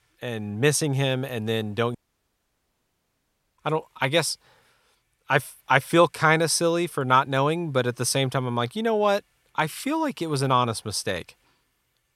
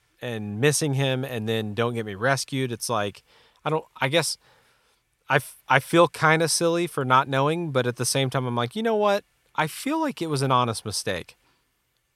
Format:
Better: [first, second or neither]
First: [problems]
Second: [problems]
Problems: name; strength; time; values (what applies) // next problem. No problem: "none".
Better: second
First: audio cutting out; at 2 s for 1.5 s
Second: none